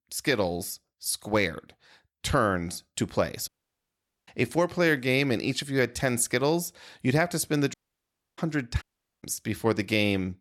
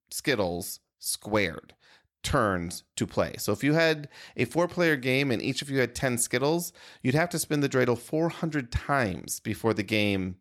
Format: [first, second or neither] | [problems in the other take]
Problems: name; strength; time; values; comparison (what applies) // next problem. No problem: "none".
second | audio cutting out; at 3.5 s for 1 s, at 7.5 s for 0.5 s and at 9 s